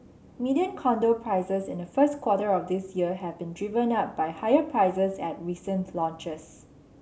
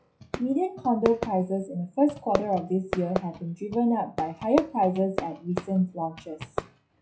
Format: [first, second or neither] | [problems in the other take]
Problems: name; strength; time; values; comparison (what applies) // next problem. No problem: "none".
first | noise reduction (classical method WPE with log-MMSE)